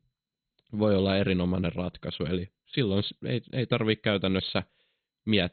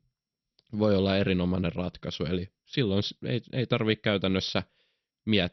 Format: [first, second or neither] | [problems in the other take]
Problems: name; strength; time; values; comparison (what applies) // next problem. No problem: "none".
second | garbled, watery; badly; nothing above 4 kHz; slightly in the second